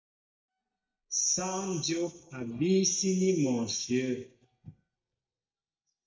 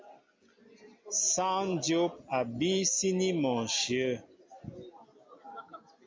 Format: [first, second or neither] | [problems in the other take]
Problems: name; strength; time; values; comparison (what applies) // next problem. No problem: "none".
second | noise reduction (neural mask model DeepFilterNet 3)